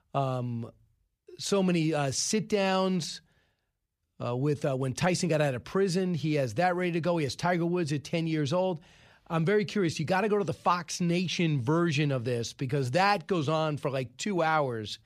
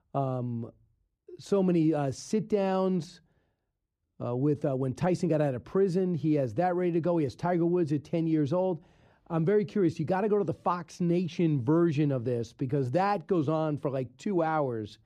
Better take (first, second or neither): first